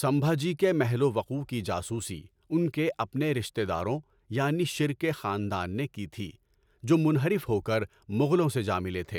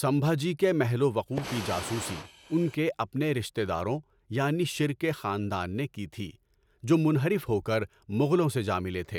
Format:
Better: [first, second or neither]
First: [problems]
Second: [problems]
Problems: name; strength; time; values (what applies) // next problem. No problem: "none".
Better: first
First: none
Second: background sound (Fire); 11 dB below the speech